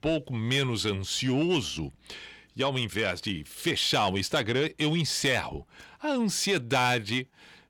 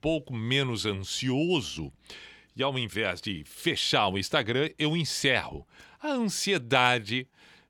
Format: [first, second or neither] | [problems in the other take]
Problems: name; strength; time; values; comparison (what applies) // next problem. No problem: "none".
second | distortion; slight; 10 dB below the speech